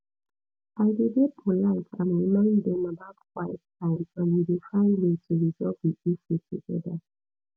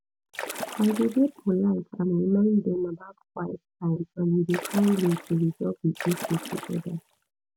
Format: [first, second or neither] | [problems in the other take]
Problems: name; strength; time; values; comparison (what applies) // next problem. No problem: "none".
first | background sound (Splash, splatter); 12 dB below the speech